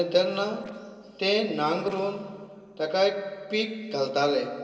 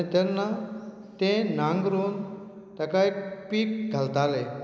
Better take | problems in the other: second | noise reduction (neural separator model SepFormer DNS4)

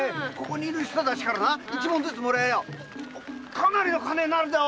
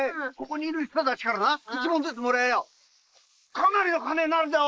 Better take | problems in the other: first | noise reduction (neural mask model Resemble Enhance denoiser)

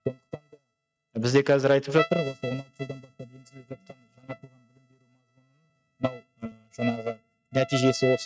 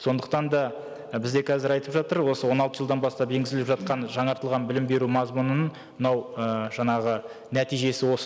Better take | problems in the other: second | noise reduction (neural mask model RNNoise)

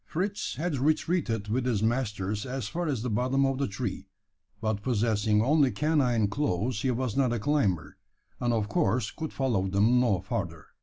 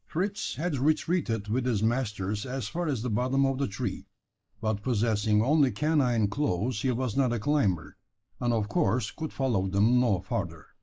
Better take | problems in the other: first | noise reduction (neural mask model Resemble Enhance denoiser)

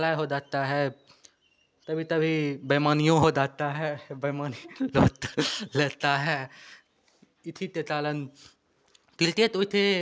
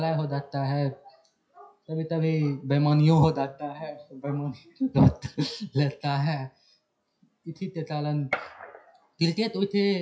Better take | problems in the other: first | noise reduction (classical method WPE with log-MMSE)

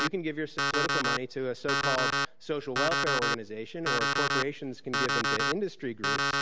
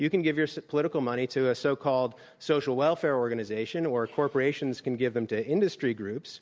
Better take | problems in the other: second | background sound (Alarm); 4 dB above the speech

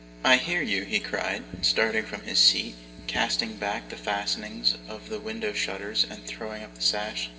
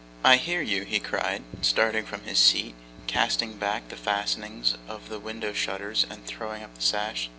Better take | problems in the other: second | room echo; dies away in 1.9 s

